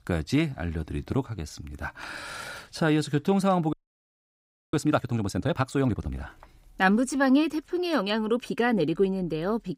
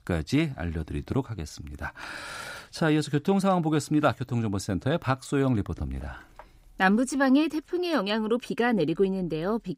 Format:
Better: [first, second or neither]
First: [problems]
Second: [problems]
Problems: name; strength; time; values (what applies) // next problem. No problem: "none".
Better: second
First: audio freezing; at 3.5 s for 1 s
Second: none